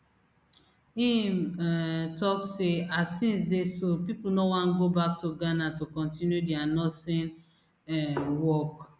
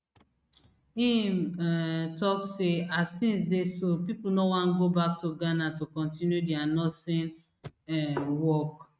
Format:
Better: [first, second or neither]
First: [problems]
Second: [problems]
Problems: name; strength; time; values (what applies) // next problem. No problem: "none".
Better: first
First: none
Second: noise reduction (neural mask model RNNoise)